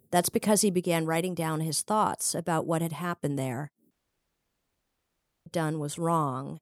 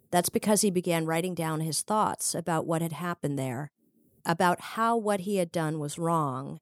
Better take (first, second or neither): second